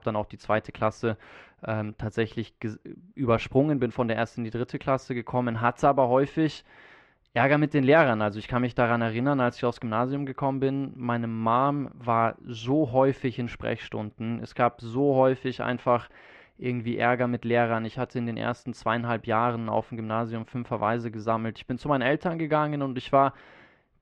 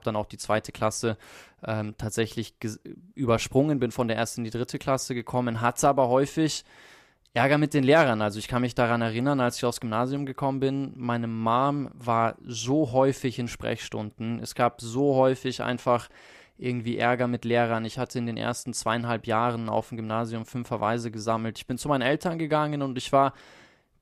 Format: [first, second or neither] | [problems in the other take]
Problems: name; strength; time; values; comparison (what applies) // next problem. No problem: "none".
second | muffled; slightly; fading above 2.5 kHz